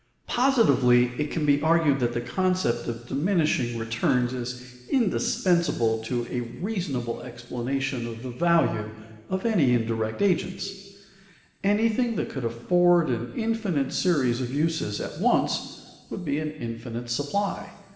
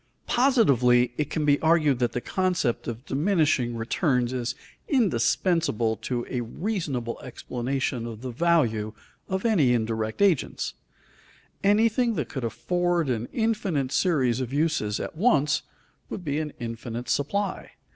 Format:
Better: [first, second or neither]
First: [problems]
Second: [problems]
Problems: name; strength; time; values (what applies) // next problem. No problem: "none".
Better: second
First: room echo; dies away in 2 s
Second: none